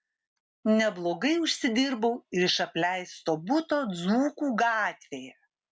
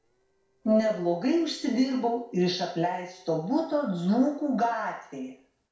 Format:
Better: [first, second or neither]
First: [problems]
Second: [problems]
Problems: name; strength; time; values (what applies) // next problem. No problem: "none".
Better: first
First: none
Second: noise reduction (neural separator model SepFormer DNS4)